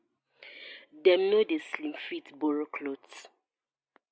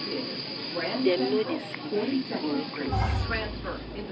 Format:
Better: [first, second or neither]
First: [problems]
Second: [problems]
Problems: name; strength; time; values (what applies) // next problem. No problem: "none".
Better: first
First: none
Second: background sound (Bowed string instrument + Subway, metro, underground); 4 dB above the speech